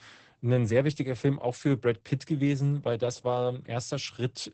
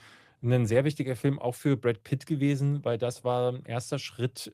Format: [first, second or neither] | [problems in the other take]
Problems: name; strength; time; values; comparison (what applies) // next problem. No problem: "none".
second | garbled, watery; badly; nothing above 8 kHz; slightly in the second